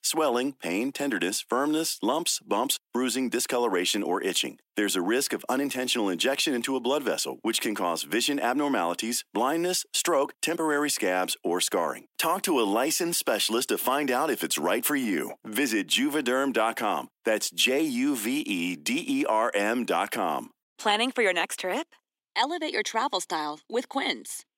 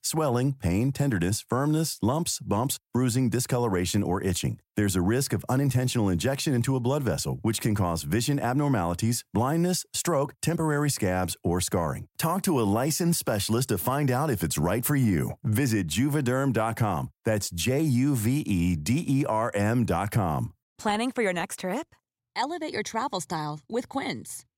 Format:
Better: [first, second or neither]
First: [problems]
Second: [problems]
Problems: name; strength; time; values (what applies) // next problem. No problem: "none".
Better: second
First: thin; somewhat; fading below 250 Hz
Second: none